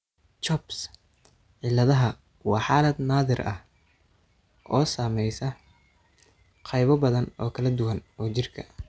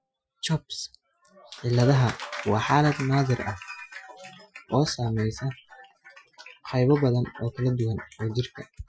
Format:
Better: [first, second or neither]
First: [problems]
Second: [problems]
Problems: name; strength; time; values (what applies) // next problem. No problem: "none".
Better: first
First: none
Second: noise reduction (classical method Wiener filter)